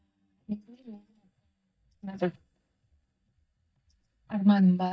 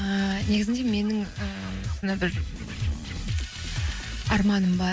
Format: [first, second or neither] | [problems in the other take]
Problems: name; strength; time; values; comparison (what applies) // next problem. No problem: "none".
second | noise reduction (neural mask model DeepFilterNet 3)